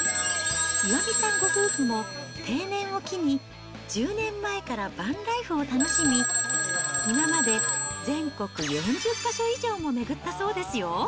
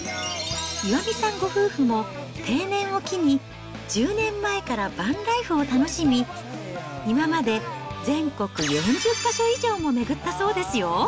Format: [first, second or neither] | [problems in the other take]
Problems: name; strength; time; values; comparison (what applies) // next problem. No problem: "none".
second | background sound (Telephone); as loud as the speech